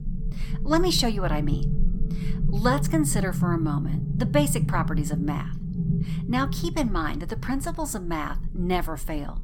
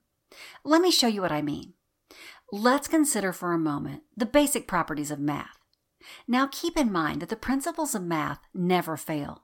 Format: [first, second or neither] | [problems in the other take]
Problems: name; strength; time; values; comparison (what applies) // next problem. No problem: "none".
second | low rumble; noticeable; throughout; 10 dB below the speech